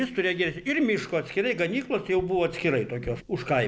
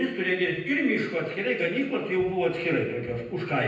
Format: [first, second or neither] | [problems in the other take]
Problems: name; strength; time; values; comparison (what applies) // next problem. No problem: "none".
first | room echo; dies away in 0.9 s